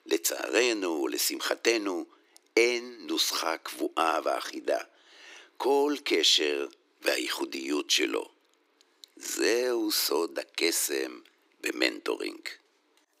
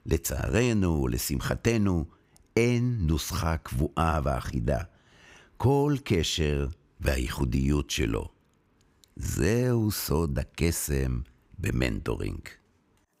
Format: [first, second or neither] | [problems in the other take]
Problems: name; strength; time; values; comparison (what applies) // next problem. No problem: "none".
second | thin; very; fading below 300 Hz